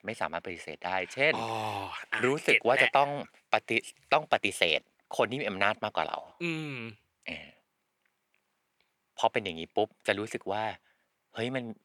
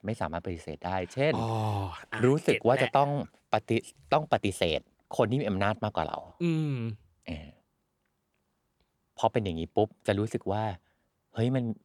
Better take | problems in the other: second | thin; somewhat; fading below 600 Hz

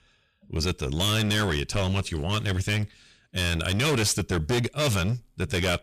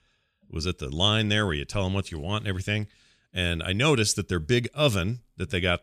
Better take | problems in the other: second | distortion; heavy; 17% of the sound clipped

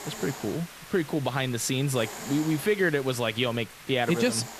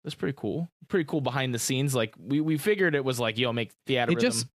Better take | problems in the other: second | hiss; noticeable; throughout; 15 dB below the speech

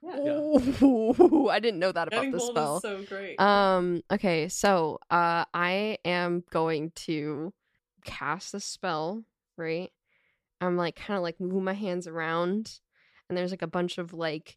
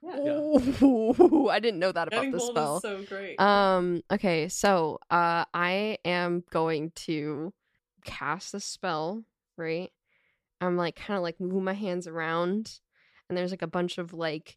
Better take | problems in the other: neither | none

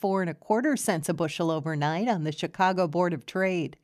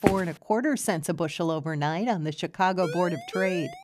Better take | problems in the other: first | footsteps; loud; at the start; peak level with the speech // siren; noticeable; from 3 s on; peak 8 dB below the speech

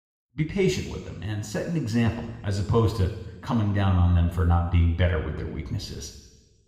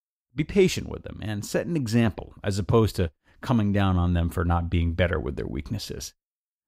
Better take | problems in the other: second | room echo; noticeable; dies away in 1.1 s // off-mic speech; somewhat distant

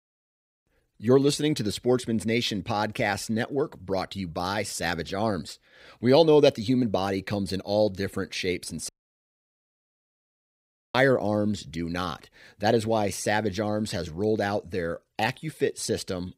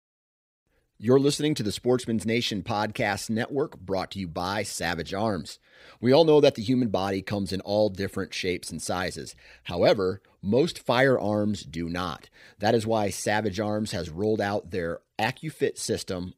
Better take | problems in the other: second | audio cutting out; at 9 s for 2 s

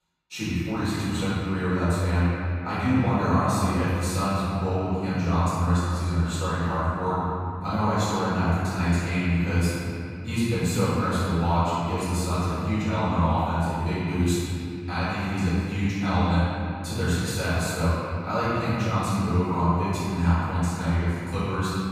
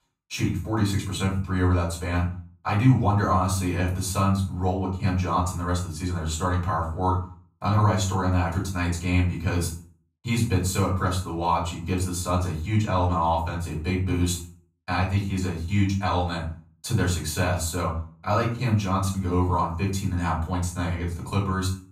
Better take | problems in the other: second | room echo; strong; dies away in 2.5 s; slight in the second // off-mic speech; far; far in the second

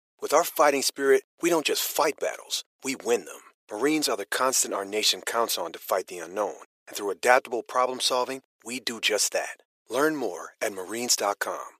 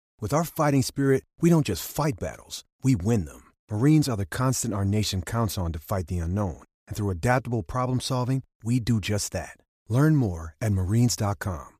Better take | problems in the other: second | thin; very; fading below 400 Hz

